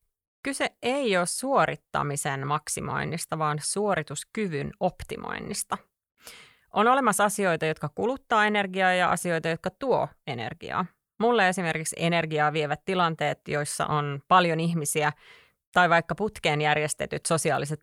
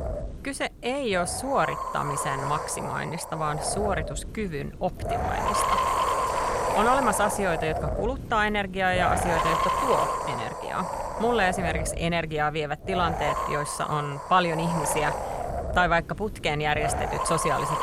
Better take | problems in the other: first | wind noise on the microphone; heavy; 1 dB below the speech

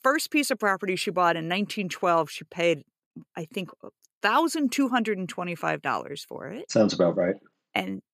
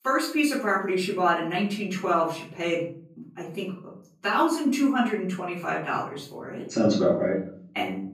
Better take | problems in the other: first | off-mic speech; far // room echo; noticeable; dies away in 0.6 s

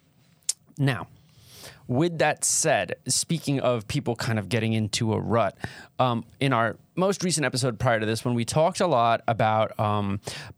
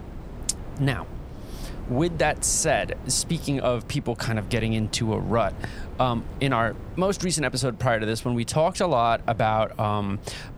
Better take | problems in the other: first | wind noise on the microphone; occasional gusts; 20 dB below the speech

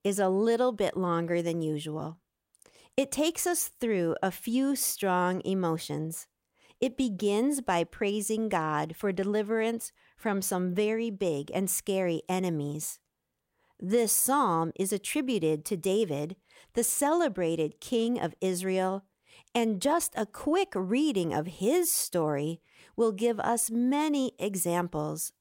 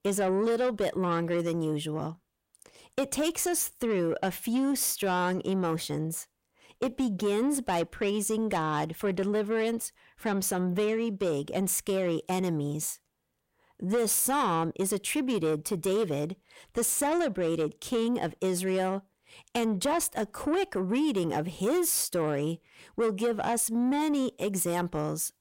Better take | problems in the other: first | distortion; slight; 10 dB below the speech

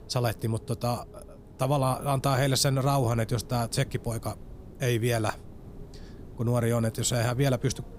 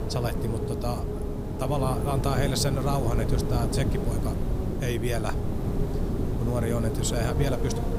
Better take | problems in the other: first | wind noise on the microphone; heavy; 3 dB below the speech; occasional gusts in the first

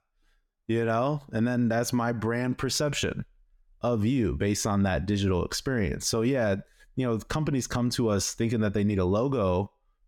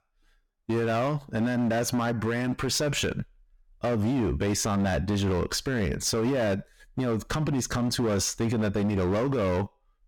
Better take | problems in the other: first | distortion; slight; 19% of the sound clipped

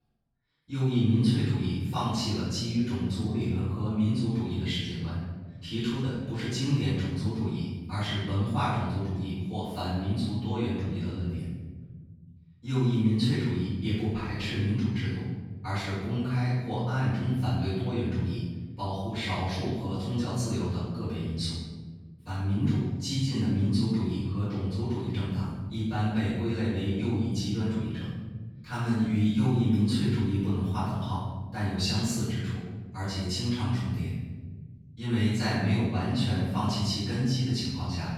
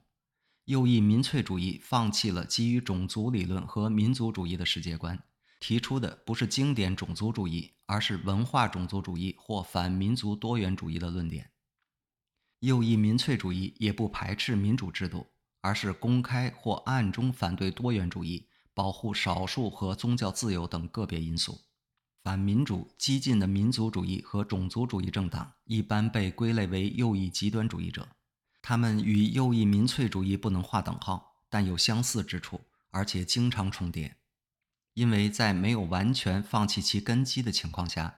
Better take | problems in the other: second | off-mic speech; far // room echo; strong; dies away in 1.6 s

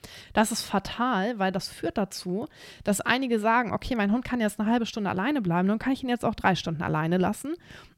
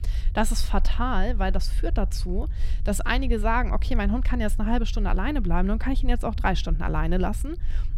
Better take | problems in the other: first | low rumble; faint; throughout; 20 dB below the speech

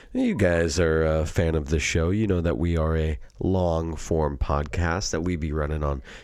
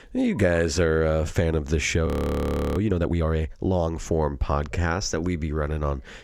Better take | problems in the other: first | audio freezing; at 2 s for 0.5 s

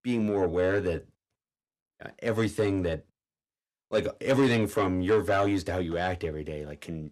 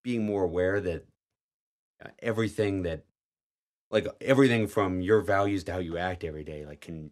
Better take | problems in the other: second | distortion; slight; 10 dB below the speech

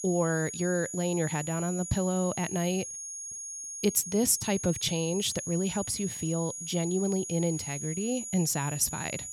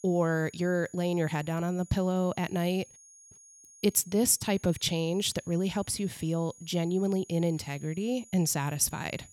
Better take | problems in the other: second | high-pitched whine; loud; throughout; 6.5 kHz, 7 dB below the speech; faint in the second

